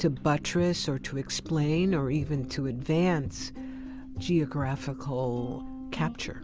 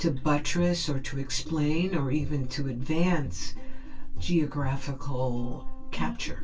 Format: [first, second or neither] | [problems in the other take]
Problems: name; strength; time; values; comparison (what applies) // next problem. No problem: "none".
first | room echo; dies away in 0.1 s